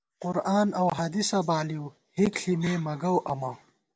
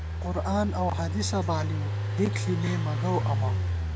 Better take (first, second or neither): first